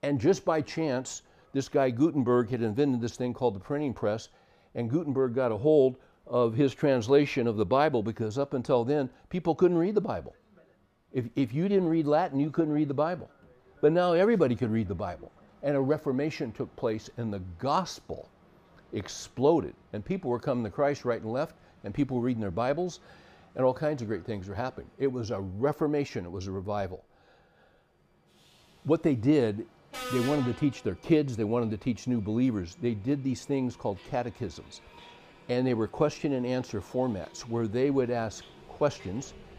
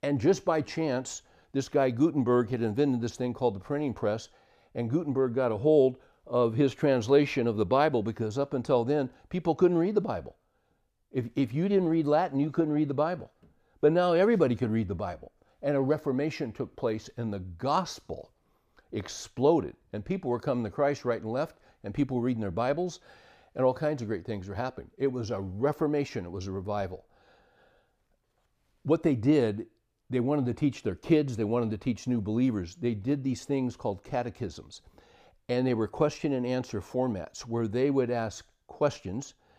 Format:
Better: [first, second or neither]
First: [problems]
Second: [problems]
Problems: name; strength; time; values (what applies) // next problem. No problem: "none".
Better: second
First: train or aircraft noise; faint; throughout; 20 dB below the speech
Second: none